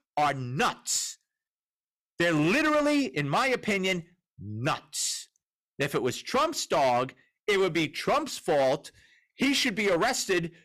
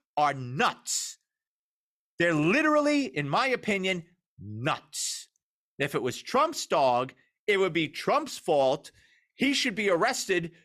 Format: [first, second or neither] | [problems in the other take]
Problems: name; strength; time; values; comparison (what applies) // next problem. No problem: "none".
second | distortion; slight; 9% of the sound clipped